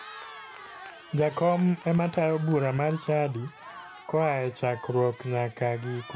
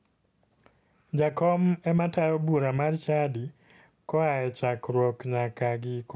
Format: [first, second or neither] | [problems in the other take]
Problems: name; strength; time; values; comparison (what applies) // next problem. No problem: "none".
second | background sound (Cheering); 18 dB below the speech